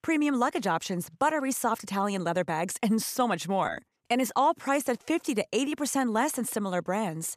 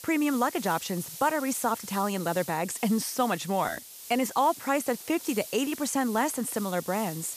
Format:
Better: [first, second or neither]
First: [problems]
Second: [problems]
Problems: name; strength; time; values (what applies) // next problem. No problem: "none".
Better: first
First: none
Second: hiss; noticeable; throughout; 10 dB below the speech